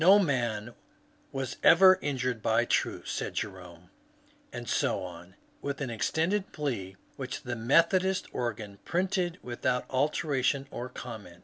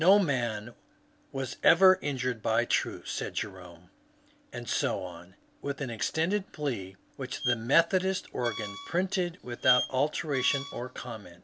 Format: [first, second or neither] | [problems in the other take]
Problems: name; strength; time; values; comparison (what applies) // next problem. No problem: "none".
first | background sound (Squeak); 7 dB below the speech